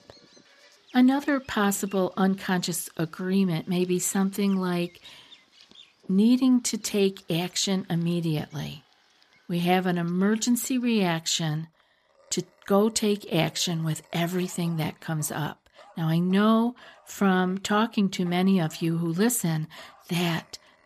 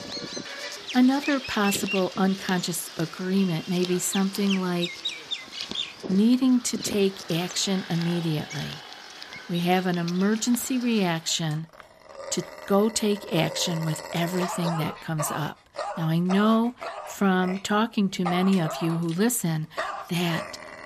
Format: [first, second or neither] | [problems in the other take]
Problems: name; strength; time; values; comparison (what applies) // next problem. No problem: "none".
first | animal sounds; loud; throughout; 10 dB below the speech; faint in the first